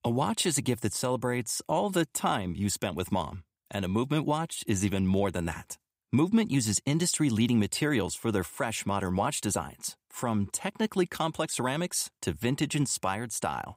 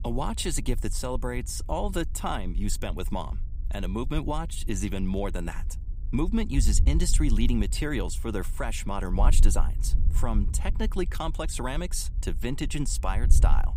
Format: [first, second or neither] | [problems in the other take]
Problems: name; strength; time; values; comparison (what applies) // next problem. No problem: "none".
first | wind noise on the microphone; occasional gusts; 20 dB below the speech